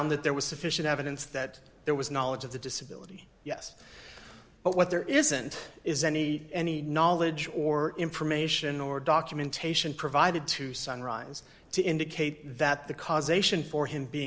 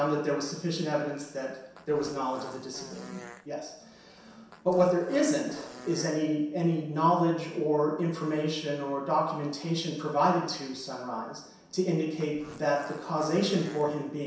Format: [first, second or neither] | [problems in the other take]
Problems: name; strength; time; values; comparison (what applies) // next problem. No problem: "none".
first | background sound (Fart); 19 dB below the speech // room echo; dies away in 0.7 s